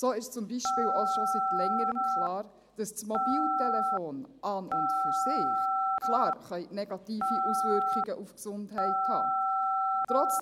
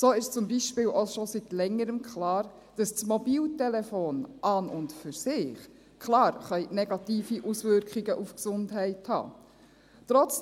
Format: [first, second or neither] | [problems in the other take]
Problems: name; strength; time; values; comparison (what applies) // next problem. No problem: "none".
second | background sound (Telephone); 5 dB above the speech